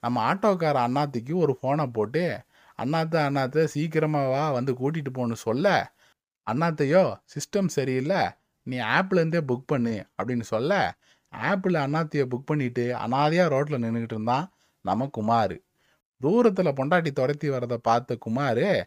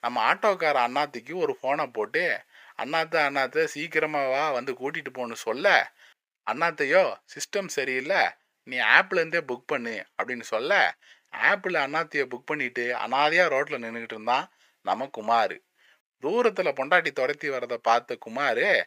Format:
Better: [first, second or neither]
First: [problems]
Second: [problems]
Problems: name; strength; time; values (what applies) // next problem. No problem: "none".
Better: first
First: none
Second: thin; somewhat; fading below 450 Hz